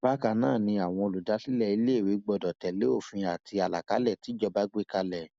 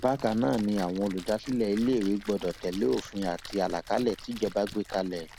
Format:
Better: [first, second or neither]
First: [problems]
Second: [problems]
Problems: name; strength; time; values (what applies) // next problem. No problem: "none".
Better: first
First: none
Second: background sound (Splash, splatter); 16 dB below the speech